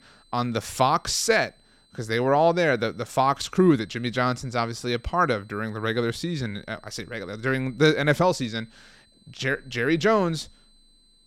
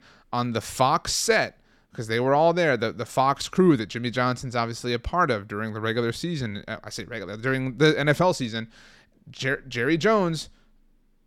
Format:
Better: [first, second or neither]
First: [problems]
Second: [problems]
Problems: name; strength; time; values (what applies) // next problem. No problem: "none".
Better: second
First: high-pitched whine; faint; throughout; 4 kHz, 35 dB below the speech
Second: none